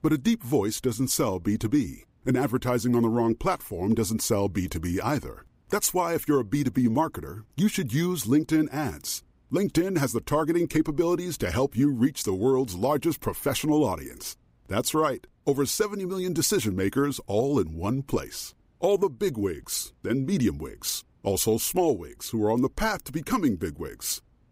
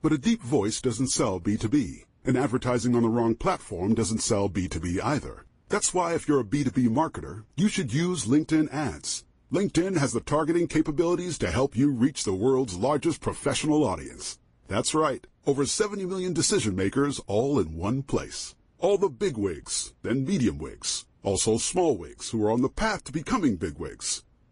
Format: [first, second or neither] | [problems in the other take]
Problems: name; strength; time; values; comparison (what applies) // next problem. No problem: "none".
first | garbled, watery; slightly; nothing above 10.5 kHz